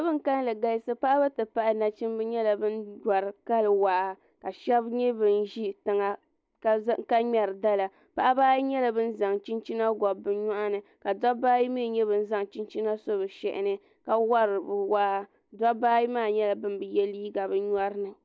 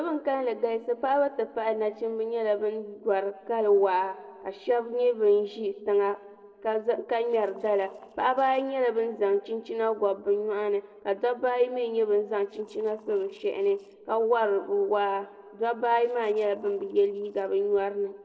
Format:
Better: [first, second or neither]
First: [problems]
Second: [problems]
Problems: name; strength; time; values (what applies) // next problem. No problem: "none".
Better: first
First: none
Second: noise reduction (neural separator model SepFormer DNS4)